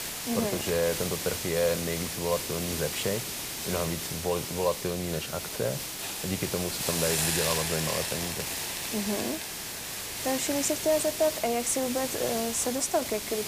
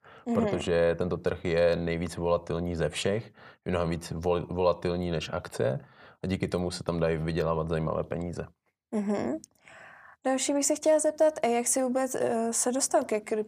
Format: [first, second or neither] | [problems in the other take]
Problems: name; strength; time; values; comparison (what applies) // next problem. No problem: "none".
second | hiss; loud; throughout; 1 dB below the speech